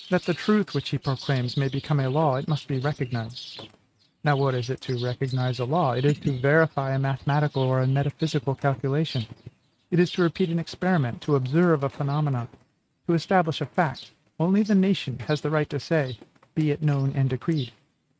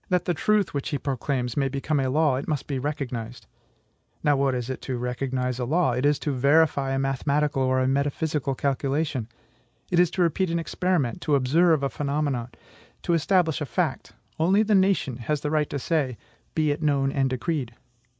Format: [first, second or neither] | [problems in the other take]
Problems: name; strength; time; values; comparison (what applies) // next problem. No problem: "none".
second | noise reduction (neural mask model RNNoise)